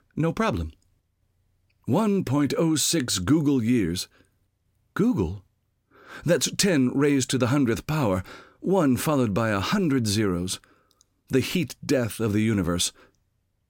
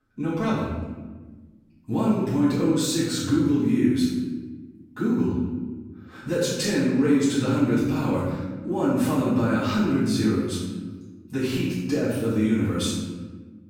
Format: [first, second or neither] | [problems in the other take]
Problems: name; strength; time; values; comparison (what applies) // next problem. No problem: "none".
first | room echo; strong; dies away in 1.3 s // off-mic speech; far